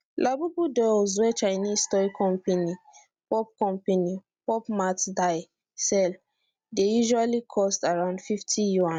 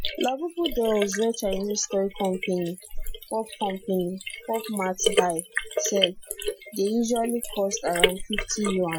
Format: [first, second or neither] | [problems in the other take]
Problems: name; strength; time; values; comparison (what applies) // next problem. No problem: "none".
first | noise reduction (classical method Wiener filter)